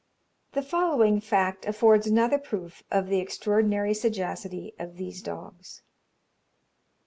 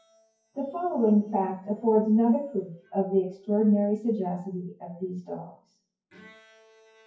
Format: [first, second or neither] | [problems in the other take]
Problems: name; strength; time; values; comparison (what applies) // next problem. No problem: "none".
first | noise reduction (classical method WPE with log-MMSE)